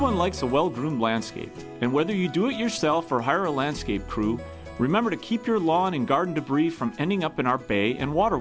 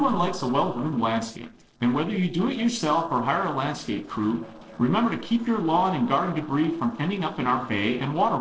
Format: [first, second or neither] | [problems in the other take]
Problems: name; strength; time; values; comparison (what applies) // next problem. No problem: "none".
first | noise reduction (neural separator model SepFormer DNS4)